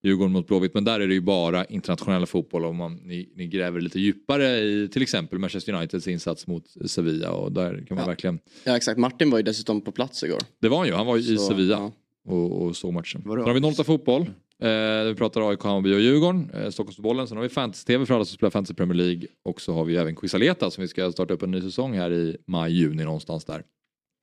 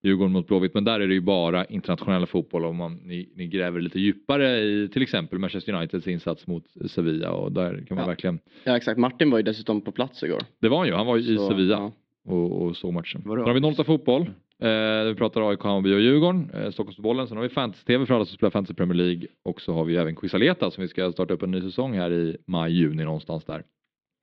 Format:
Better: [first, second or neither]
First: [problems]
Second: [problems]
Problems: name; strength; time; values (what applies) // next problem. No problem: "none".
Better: first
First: none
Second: muffled; slightly; fading above 3.5 kHz